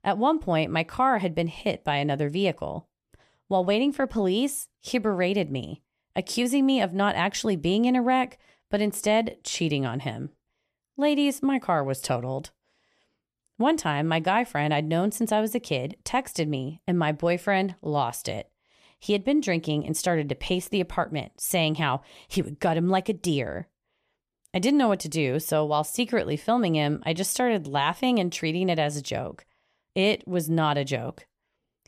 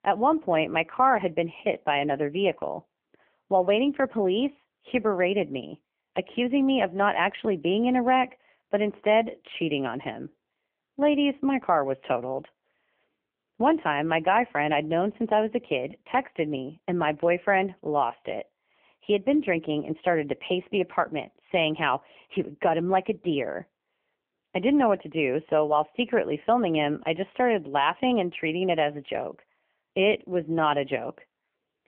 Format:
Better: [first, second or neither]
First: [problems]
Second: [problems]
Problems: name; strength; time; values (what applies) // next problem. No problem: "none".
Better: first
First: none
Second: phone-call audio; poor line; nothing above 3 kHz